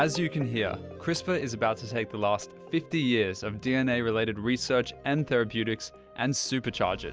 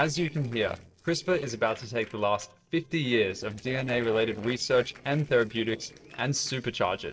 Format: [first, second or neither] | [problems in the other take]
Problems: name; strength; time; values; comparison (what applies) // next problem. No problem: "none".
first | noise reduction (neural separator model SepFormer DNS4)